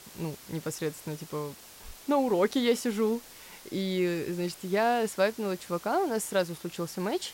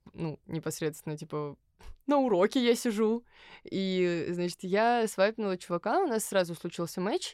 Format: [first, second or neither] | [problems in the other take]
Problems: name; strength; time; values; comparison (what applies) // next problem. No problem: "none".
second | hiss; noticeable; throughout; 15 dB below the speech